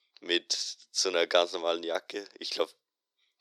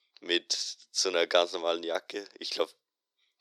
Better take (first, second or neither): neither